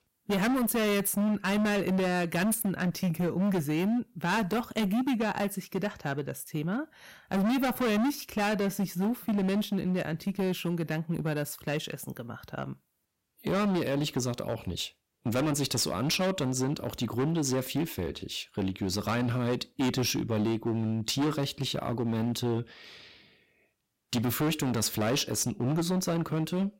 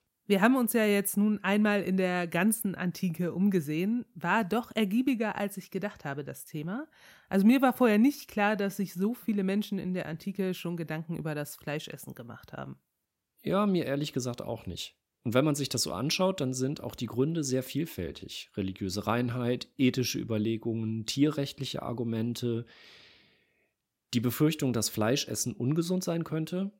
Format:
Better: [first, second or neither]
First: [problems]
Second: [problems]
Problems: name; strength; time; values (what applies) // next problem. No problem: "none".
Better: second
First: distortion; heavy; 18% of the sound clipped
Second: none